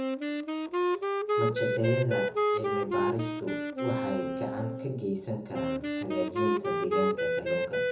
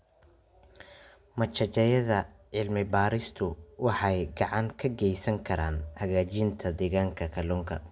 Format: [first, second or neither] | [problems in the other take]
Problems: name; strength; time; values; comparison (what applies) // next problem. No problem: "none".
second | background sound (Wind instrument, woodwind instrument); 4 dB above the speech // room echo; dies away in 0.6 s